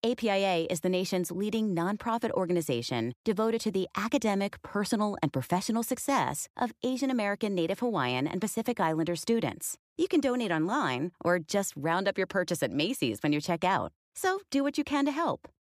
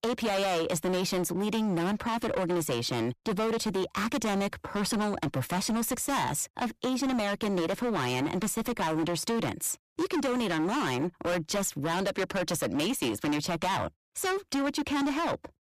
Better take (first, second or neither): first